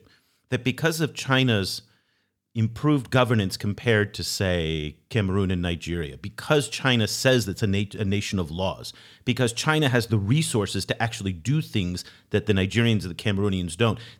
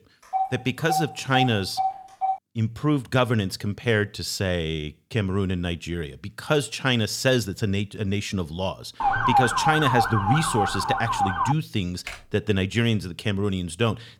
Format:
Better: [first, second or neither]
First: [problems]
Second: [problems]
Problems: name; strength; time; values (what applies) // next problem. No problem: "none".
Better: first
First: none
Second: phone ringing; noticeable; until 2.5 s; peak 3 dB below the speech // siren; loud; from 9 to 12 s; peak 5 dB above the speech // keyboard typing; faint; at 12 s; peak 15 dB below the speech